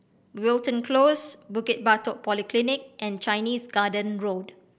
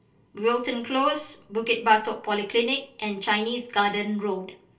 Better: first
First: none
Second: room echo; dies away in 0.3 s

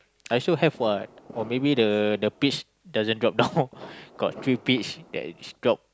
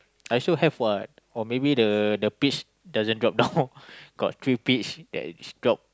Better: second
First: background sound (Fireworks); 19 dB below the speech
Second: none

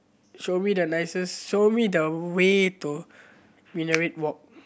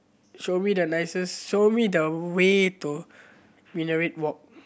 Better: second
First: background sound (Finger snapping); 7 dB below the speech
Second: none

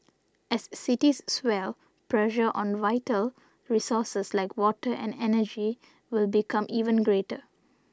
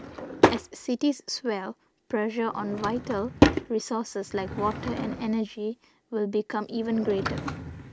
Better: first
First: none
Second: background sound (Drawer open or close / Wood); as loud as the speech

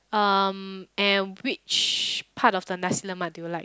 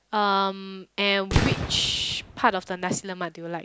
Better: first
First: none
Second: background sound (Fireworks); 2 dB below the speech

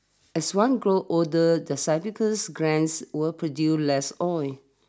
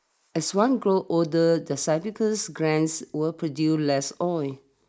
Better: first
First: none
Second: noise reduction (neural mask model Resemble Enhance denoiser)

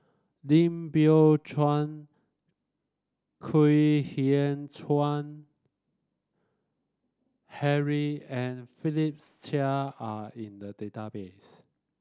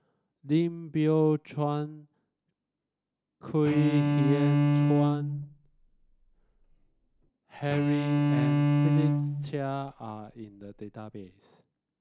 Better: first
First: none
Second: background sound (Bowed string instrument); 4 dB above the speech

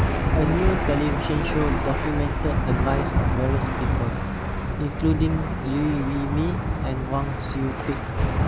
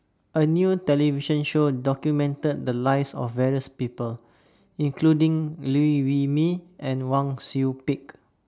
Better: second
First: background sound (Engine / Aircraft); 3 dB above the speech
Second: none

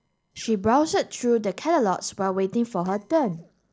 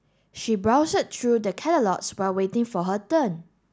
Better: second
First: noise reduction (neural separator model SepFormer DNS4)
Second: none

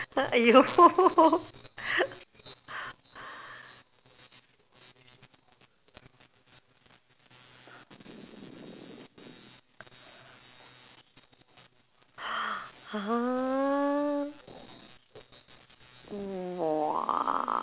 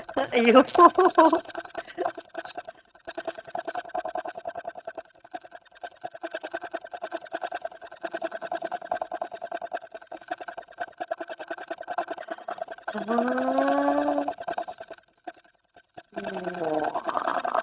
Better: first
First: none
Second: noise reduction (neural mask model RNNoise)

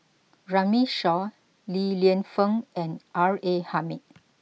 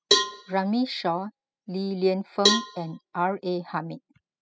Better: first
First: none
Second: noise reduction (classical method spectral subtraction)

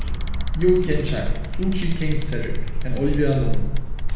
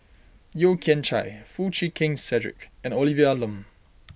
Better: second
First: background sound (Bicycle); 4 dB above the speech // room echo; dies away in 1.1 s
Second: none

